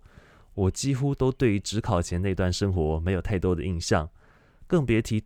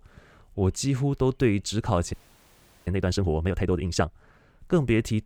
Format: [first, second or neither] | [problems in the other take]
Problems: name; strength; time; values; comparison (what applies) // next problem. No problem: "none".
first | audio freezing; at 2 s for 0.5 s